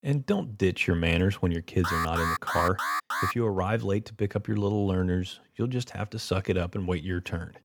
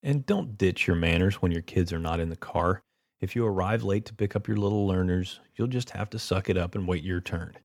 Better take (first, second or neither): second